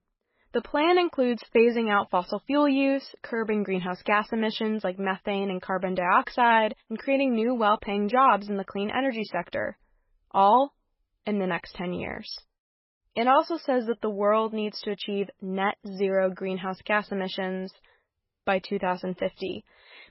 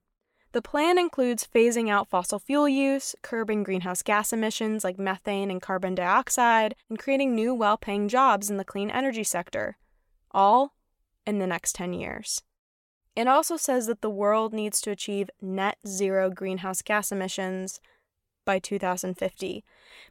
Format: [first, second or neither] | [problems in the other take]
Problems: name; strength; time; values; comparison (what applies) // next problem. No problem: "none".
second | garbled, watery; badly; nothing above 5.5 kHz